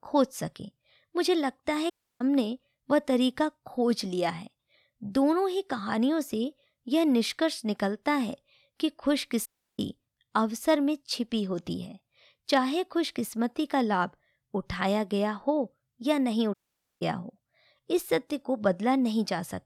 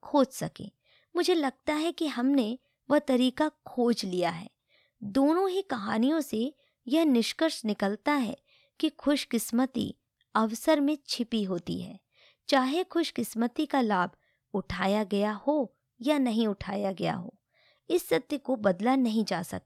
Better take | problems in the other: second | audio cutting out; at 2 s, at 9.5 s and at 17 s

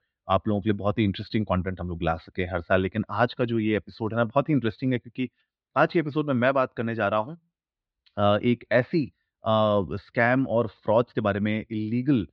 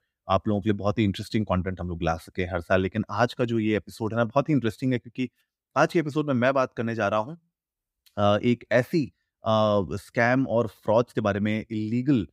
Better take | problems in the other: second | muffled; very slightly; fading above 4 kHz

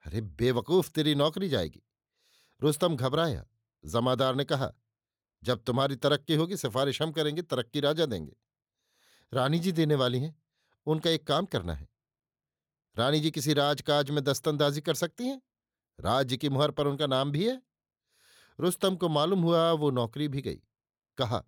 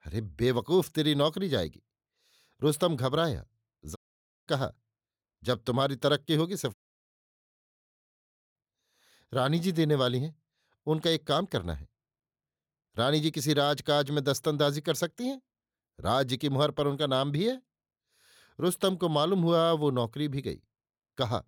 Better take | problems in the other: first | audio cutting out; at 4 s for 0.5 s and at 6.5 s for 2 s

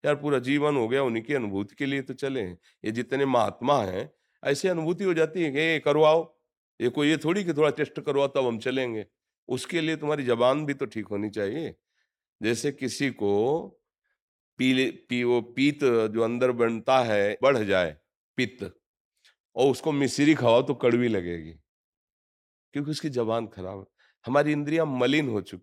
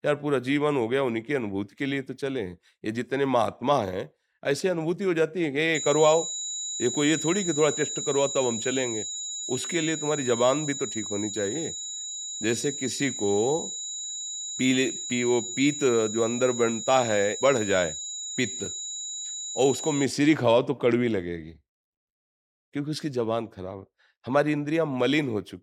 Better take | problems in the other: first | high-pitched whine; loud; from 6 to 20 s; 7 kHz, 5 dB below the speech

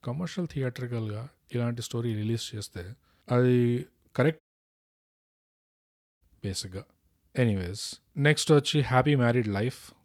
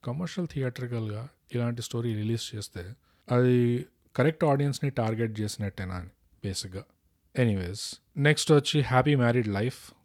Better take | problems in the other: second | audio cutting out; at 4.5 s for 2 s

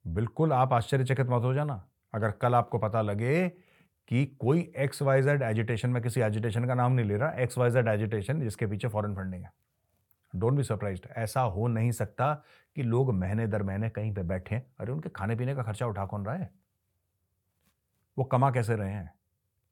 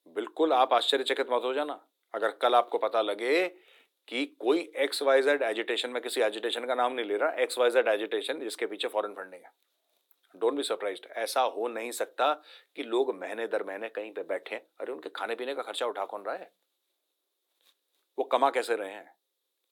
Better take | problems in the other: first | thin; very; fading below 300 Hz

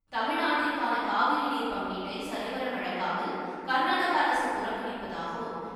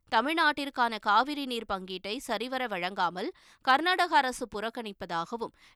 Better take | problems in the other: second | off-mic speech; far // room echo; strong; dies away in 2.8 s

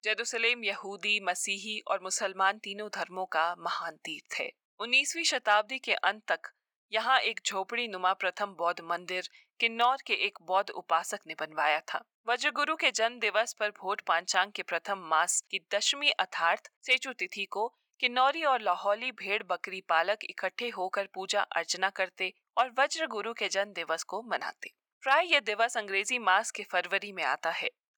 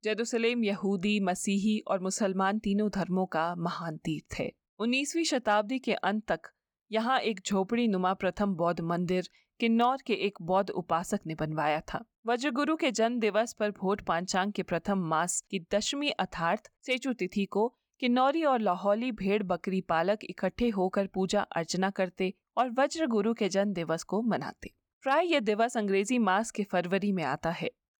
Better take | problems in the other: second | thin; very; fading below 750 Hz

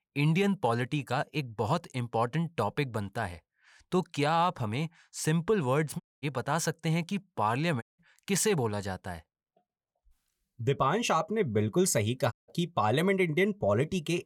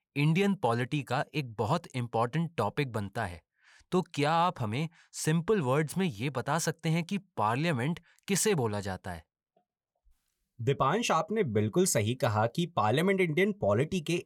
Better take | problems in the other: second | audio cutting out; at 6 s, at 8 s and at 12 s

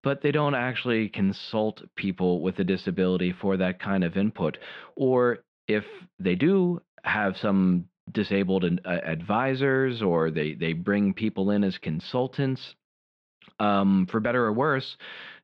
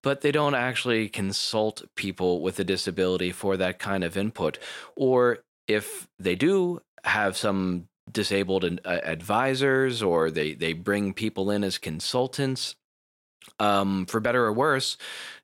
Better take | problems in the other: second | muffled; slightly; fading above 3.5 kHz

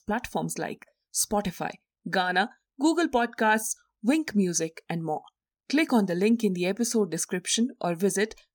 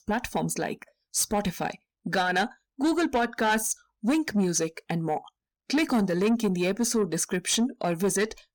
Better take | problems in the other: first | distortion; slight; 10 dB below the speech

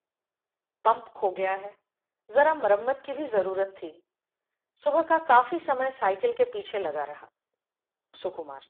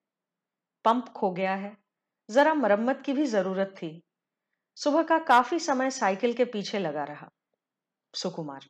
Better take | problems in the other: second | phone-call audio; poor line

